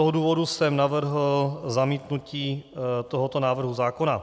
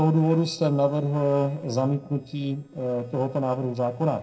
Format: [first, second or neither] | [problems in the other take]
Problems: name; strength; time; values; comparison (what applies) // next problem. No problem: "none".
first | noise reduction (neural separator model SepFormer DNS4)